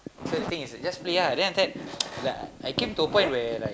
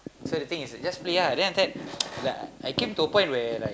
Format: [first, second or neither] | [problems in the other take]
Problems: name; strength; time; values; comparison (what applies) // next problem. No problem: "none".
second | background sound (Zipper (clothing)); 13 dB below the speech